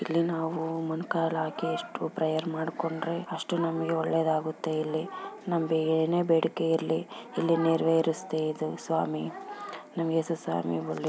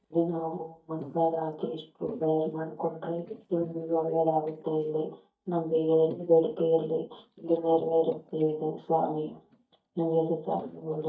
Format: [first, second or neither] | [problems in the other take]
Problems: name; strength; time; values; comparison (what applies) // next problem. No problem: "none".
first | noise reduction (neural mask model DeepFilterNet 3)